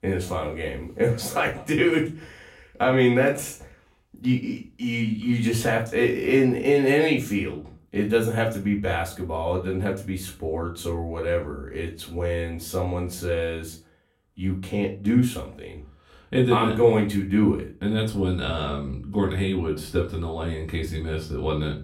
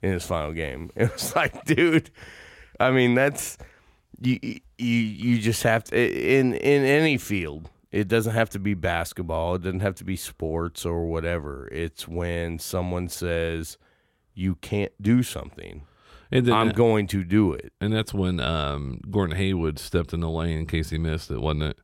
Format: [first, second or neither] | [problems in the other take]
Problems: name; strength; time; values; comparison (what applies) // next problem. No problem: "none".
second | off-mic speech; far // room echo; slight; dies away in 0.3 s